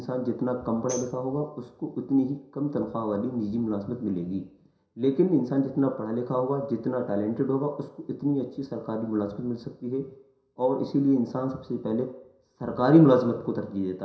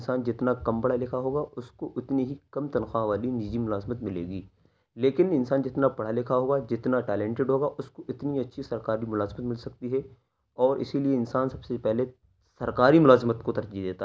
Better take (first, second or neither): second